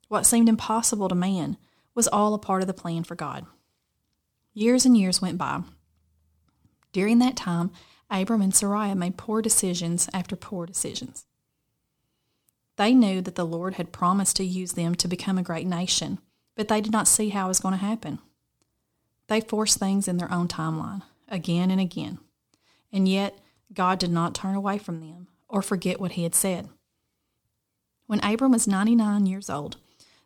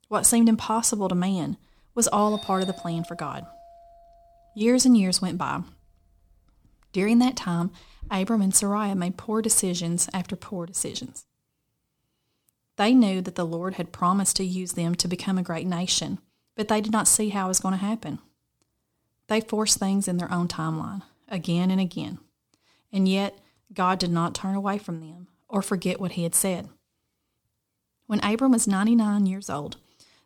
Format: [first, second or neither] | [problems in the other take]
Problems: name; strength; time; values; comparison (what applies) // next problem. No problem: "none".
first | doorbell; faint; from 2 to 8 s; peak 10 dB below the speech